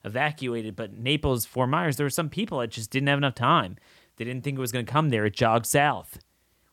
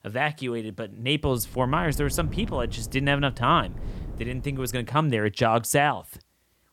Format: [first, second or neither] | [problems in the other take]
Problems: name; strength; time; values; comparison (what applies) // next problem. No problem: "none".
first | low rumble; faint; from 1.5 to 5 s; 25 dB below the speech